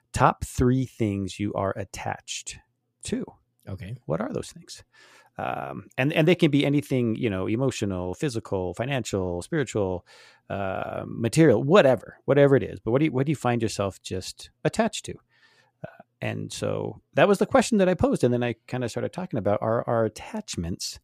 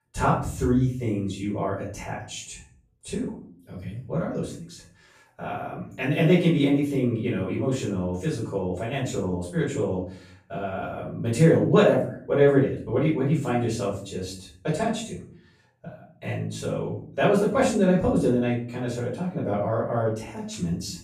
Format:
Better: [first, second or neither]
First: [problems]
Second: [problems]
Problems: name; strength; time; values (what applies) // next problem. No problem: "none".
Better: first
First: none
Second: room echo; noticeable; dies away in 0.5 s // off-mic speech; far